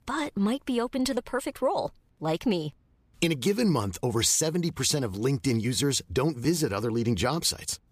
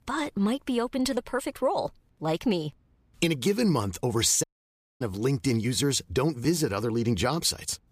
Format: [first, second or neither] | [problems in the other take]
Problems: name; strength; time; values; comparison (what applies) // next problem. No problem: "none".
first | audio cutting out; at 4.5 s for 0.5 s